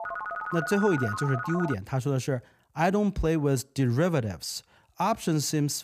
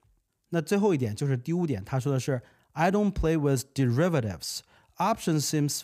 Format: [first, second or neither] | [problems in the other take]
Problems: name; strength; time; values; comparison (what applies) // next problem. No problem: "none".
second | phone ringing; noticeable; until 1.5 s; peak 5 dB below the speech